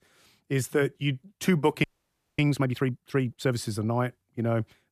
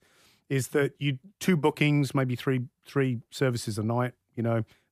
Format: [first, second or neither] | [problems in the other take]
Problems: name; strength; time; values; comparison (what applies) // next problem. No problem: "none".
second | audio freezing; at 2 s for 0.5 s